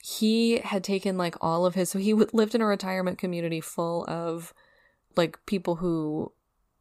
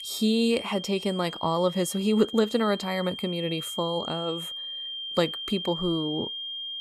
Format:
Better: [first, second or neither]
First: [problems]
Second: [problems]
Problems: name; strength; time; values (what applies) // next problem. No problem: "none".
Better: first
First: none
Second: high-pitched whine; loud; throughout; 3 kHz, 7 dB below the speech